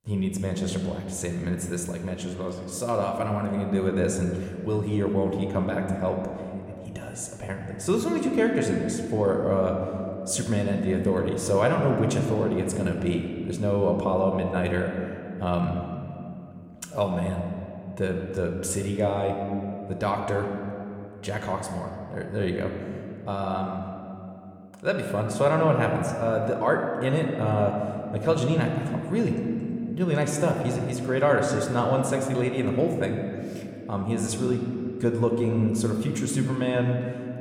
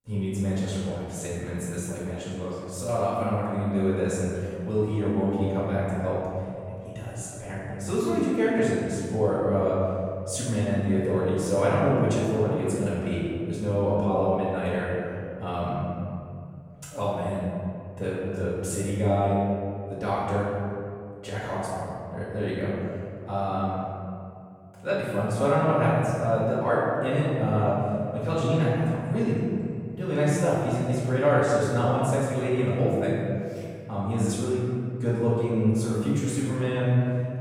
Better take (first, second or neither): first